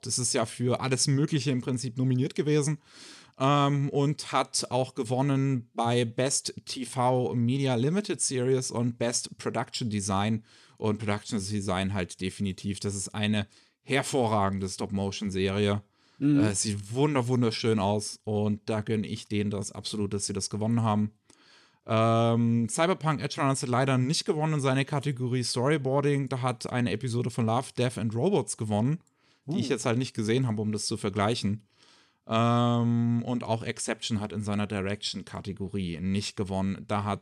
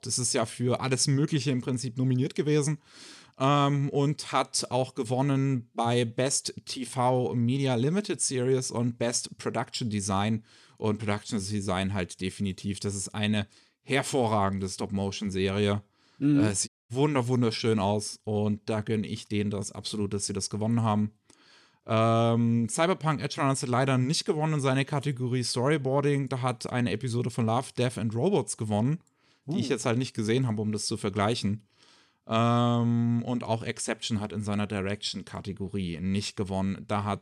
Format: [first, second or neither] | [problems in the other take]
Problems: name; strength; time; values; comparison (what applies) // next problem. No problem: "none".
first | audio cutting out; at 17 s